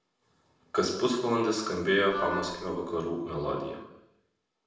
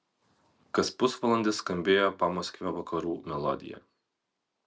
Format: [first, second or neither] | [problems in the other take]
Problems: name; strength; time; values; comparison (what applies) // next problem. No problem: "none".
second | background sound (Wind instrument, woodwind instrument); 8 dB below the speech // room echo; dies away in 0.8 s